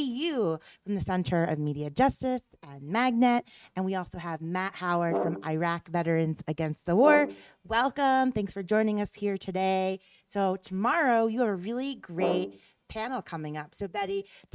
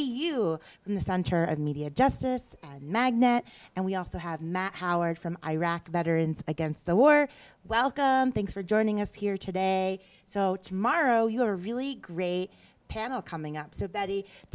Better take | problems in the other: second | noise reduction (neural mask model RNNoise)

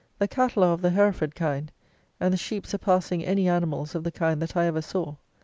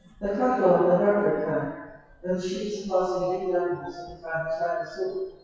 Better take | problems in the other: first | noise reduction (classical method WPE with log-MMSE)

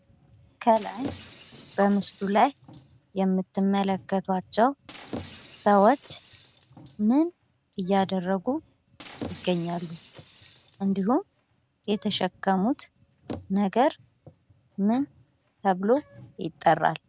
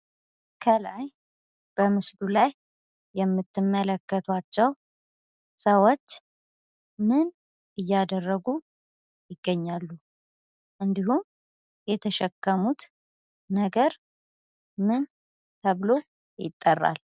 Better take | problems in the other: second | background sound (Shatter + Bicycle); 20 dB below the speech

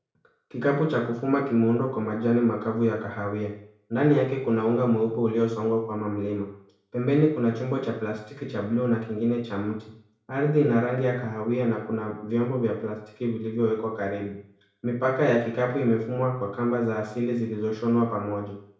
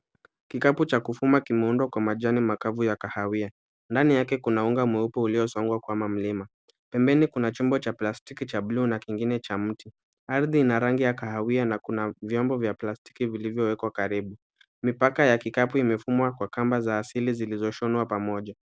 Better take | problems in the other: second | room echo; dies away in 0.6 s

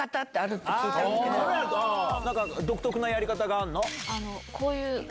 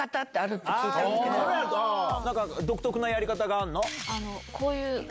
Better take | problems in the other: second | background sound (Subway, metro, underground); 17 dB below the speech

